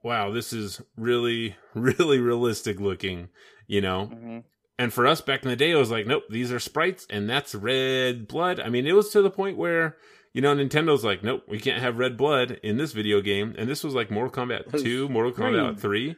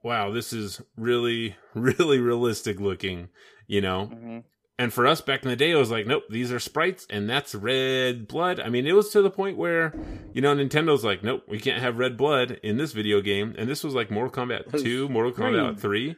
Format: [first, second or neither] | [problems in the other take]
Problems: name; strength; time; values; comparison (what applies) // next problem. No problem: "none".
first | door banging; faint; at 10 s; peak 15 dB below the speech